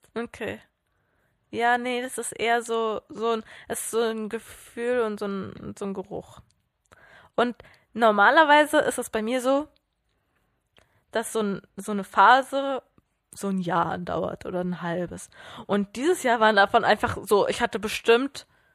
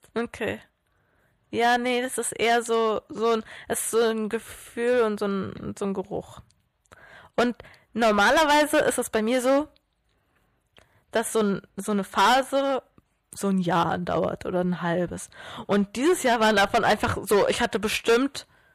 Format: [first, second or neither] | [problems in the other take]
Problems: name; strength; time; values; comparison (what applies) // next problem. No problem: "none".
first | distortion; heavy; 5% of the sound clipped